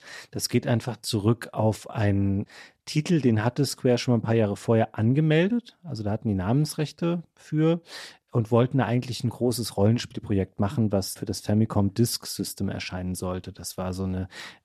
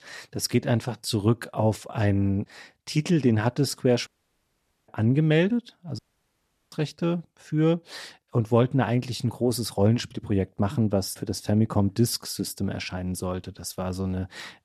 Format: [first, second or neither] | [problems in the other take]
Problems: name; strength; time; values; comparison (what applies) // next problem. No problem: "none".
first | audio cutting out; at 4 s for 1 s and at 6 s for 0.5 s